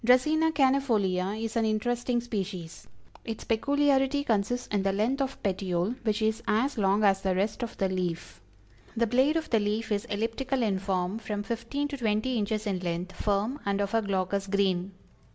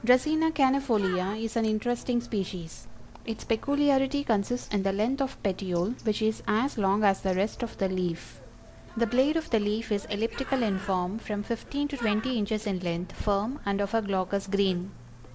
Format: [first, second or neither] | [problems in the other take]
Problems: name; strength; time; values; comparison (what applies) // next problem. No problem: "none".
first | background sound (Bird); 17 dB below the speech